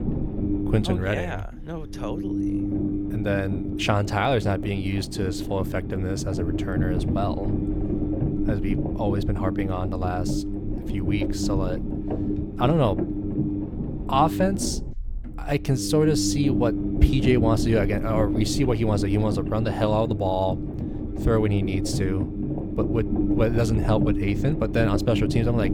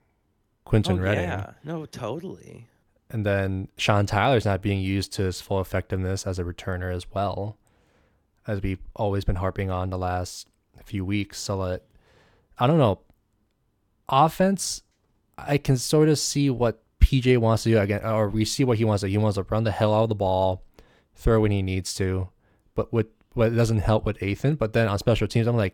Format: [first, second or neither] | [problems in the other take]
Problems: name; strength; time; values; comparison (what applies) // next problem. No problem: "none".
second | low rumble; loud; throughout; 5 dB below the speech